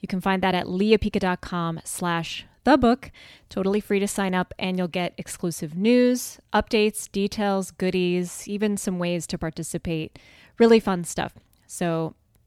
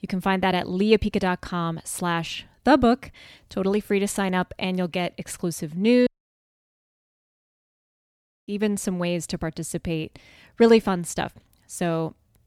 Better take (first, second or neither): first